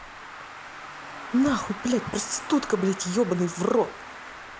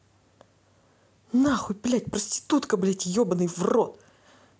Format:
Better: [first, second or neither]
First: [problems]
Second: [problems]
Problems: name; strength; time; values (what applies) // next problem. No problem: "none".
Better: second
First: background sound (Traffic noise, roadway noise); 12 dB below the speech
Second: none